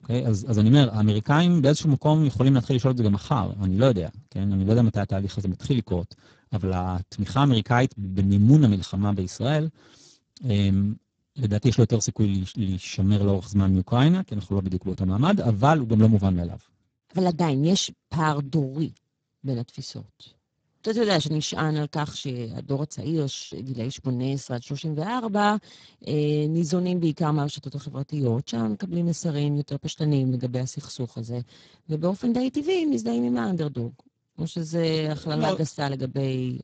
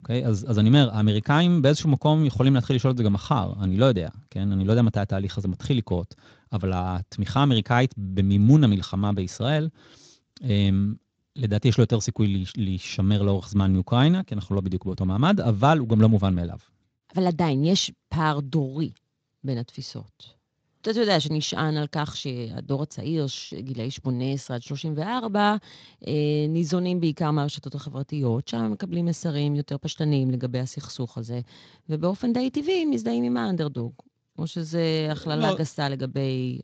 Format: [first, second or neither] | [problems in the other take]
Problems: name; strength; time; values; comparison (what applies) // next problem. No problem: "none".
second | garbled, watery; badly; nothing above 7.5 kHz; slightly in the second